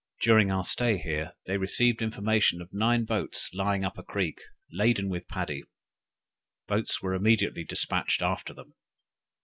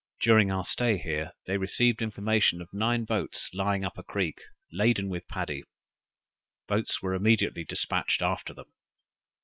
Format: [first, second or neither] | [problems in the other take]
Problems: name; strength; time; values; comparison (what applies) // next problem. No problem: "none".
first | noise reduction (neural separator model SepFormer WHAM!)